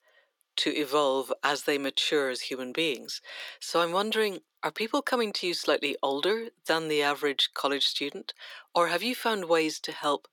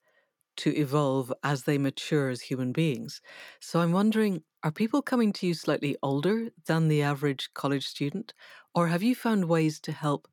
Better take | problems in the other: second | thin; somewhat; fading below 400 Hz

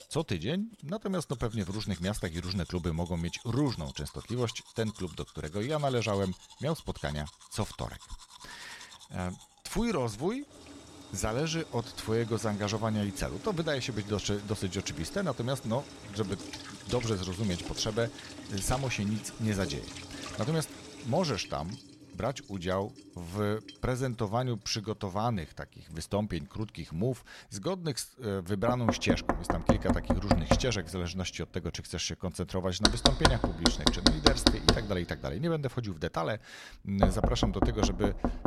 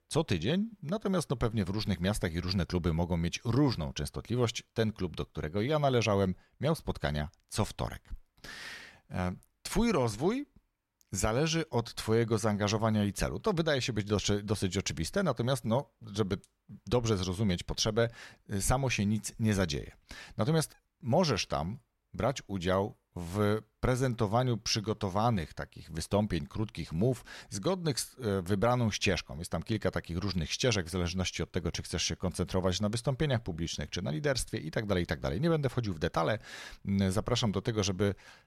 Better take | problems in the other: second | household noises; very loud; throughout; 2 dB above the speech

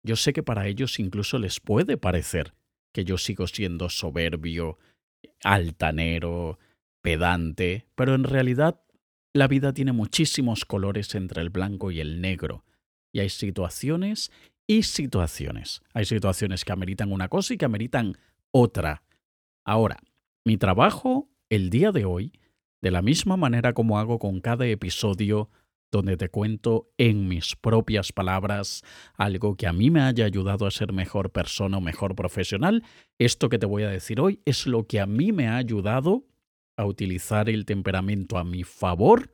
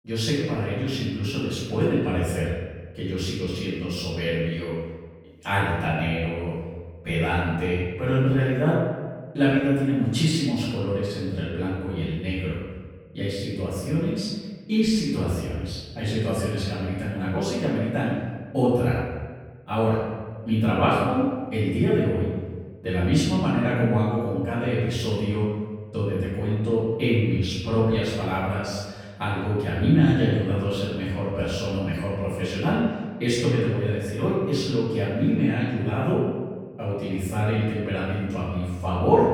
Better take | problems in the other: first | off-mic speech; far // room echo; strong; dies away in 1.3 s

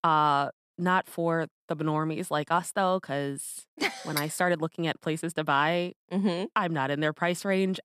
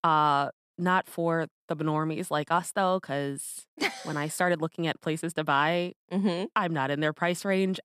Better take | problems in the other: second | clattering dishes; noticeable; at 4 s; peak 7 dB below the speech

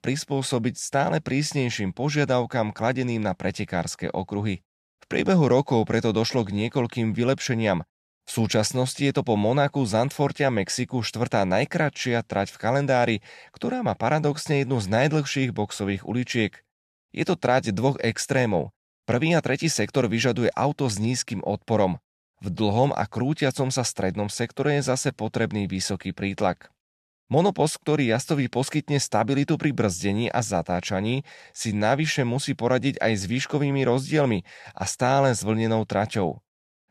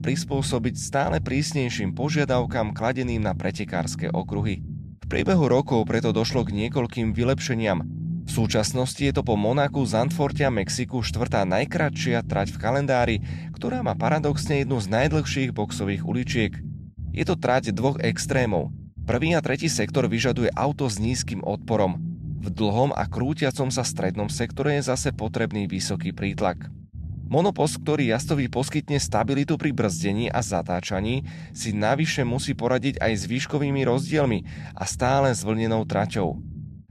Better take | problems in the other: first | low rumble; noticeable; throughout; 20 dB below the speech

